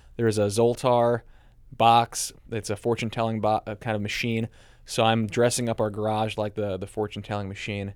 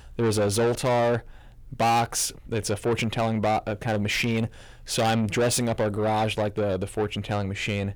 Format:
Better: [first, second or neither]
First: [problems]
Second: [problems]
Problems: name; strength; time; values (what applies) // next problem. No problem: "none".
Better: first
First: none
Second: distortion; heavy; 7 dB below the speech